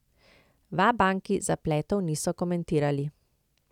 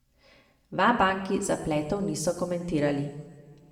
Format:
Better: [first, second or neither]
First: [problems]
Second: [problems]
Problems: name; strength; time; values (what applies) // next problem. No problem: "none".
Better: first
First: none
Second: room echo; dies away in 1.4 s